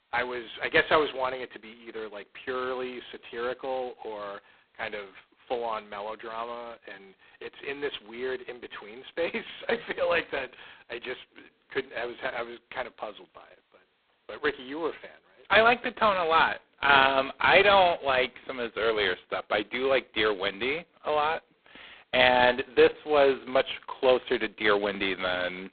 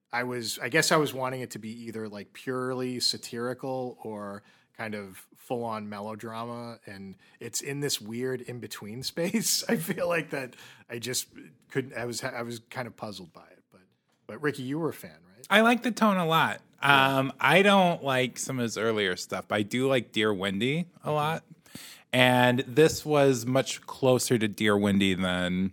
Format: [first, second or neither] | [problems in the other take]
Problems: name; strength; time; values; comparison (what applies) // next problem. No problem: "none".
second | phone-call audio; poor line; nothing above 4 kHz